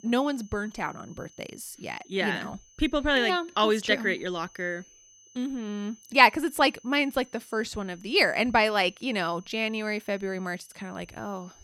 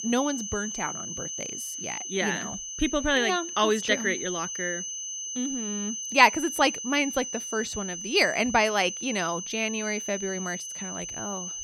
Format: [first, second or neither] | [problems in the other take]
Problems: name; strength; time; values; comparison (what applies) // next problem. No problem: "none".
first | high-pitched whine; loud; throughout; 6 kHz, 6 dB below the speech; faint in the first